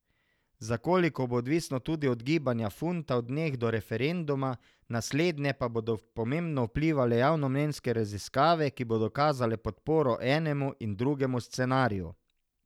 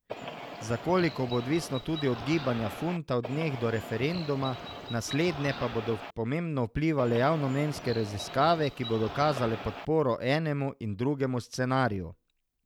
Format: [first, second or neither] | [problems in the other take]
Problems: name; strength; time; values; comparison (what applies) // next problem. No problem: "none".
first | background sound (Bird); 11 dB below the speech